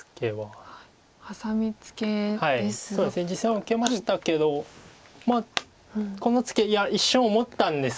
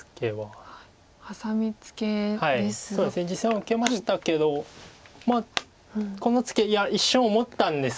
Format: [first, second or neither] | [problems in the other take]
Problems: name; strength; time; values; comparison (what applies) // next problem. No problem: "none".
second | noise reduction (neural mask model Resemble Enhance denoiser)